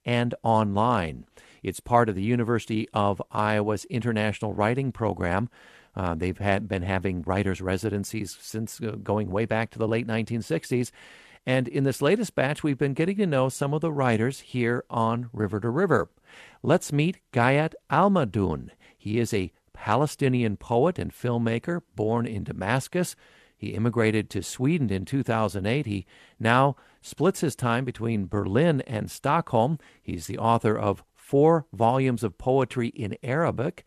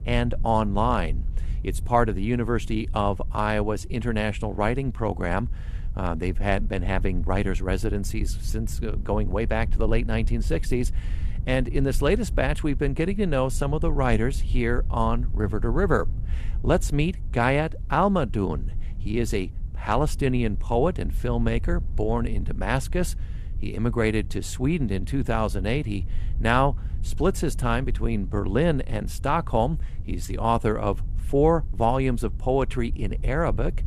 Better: first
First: none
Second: low rumble; faint; throughout; 25 dB below the speech

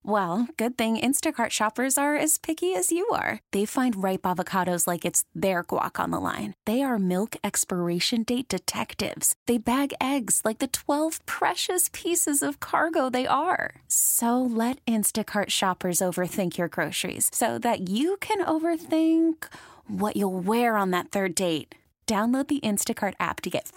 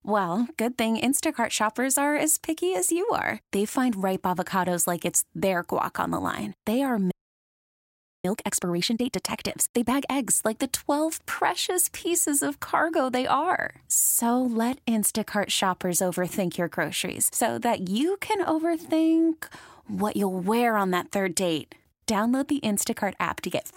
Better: first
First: none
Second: audio freezing; at 7 s for 1 s

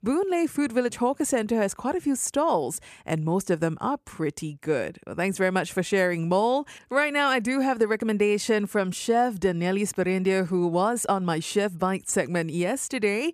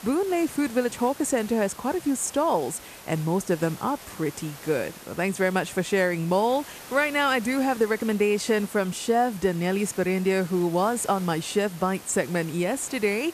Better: first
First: none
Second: hiss; noticeable; throughout; 15 dB below the speech

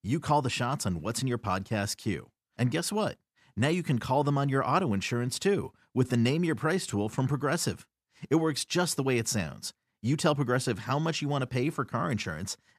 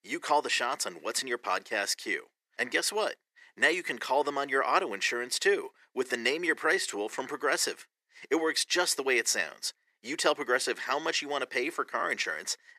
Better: first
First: none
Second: thin; very; fading below 400 Hz

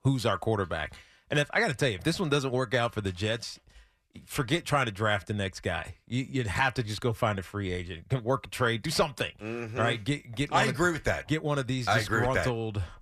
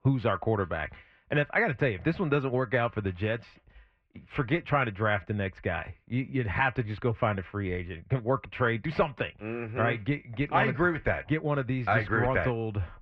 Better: first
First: none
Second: muffled; very; fading above 2.5 kHz

